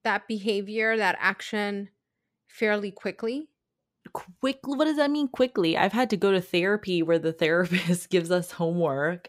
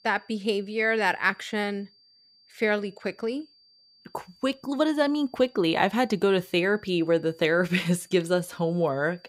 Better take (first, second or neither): first